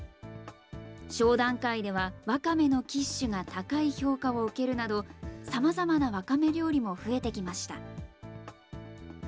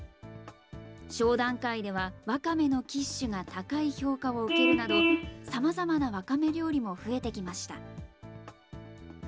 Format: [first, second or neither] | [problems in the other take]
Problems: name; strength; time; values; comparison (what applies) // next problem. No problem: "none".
first | background sound (Vehicle horn, car horn, honking); 4 dB below the speech